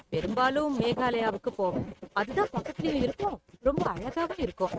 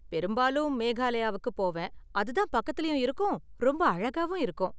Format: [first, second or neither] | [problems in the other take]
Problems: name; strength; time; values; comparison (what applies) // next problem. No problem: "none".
second | noise reduction (neural mask model RNNoise)